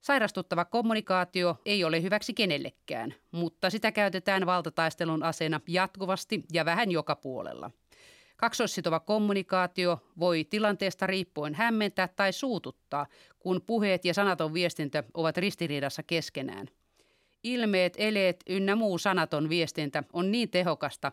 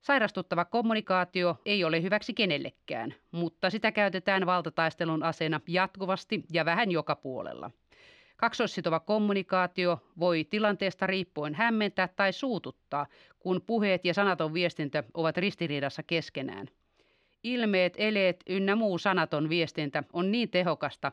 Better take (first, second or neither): first